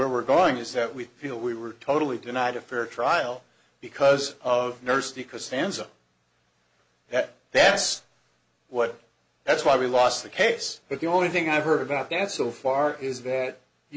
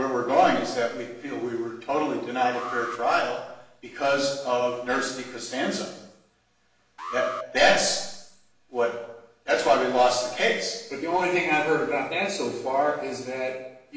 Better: first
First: none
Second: background sound (Alarm); 13 dB below the speech // room echo; dies away in 0.9 s

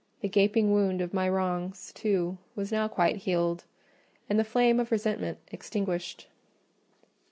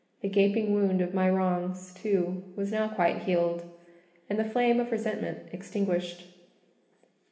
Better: first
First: none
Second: room echo; dies away in 1.1 s

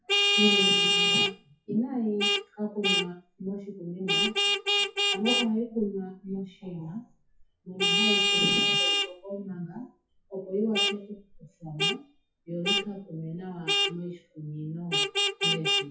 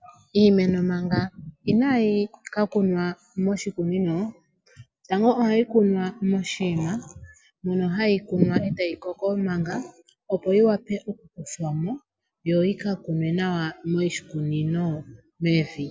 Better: second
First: noise reduction (classical method WPE with log-MMSE)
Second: none

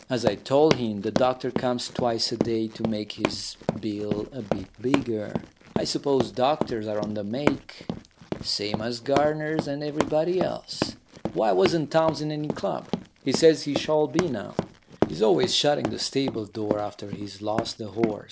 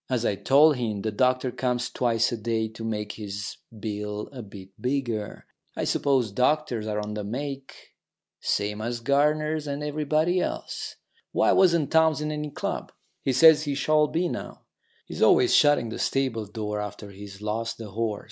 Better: second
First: background sound (Run); 6 dB below the speech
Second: none

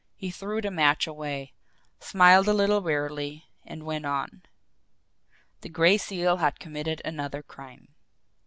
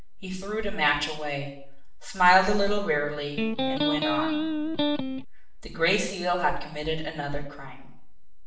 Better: first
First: none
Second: noise reduction (neural separator model SepFormer DNS4)

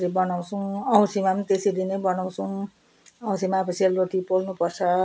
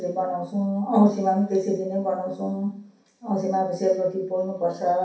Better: first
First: none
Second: room echo; dies away in 0.6 s

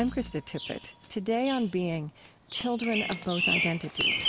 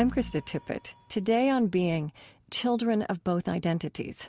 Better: second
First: background sound (Bird vocalization, bird call, bird song); 3 dB below the speech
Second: none

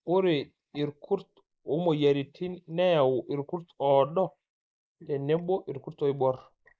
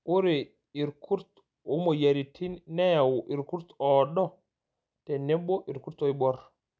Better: second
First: noise reduction (neural mask model Resemble Enhance denoiser)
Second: none

